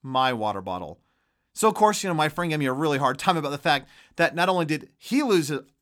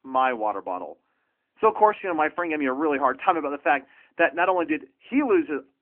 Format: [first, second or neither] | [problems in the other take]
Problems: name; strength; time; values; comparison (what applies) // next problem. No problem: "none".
first | phone-call audio